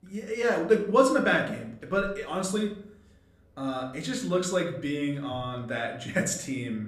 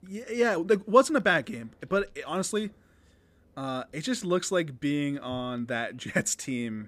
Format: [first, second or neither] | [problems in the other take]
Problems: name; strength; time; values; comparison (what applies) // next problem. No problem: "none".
second | room echo; slight; dies away in 0.5 s // off-mic speech; somewhat distant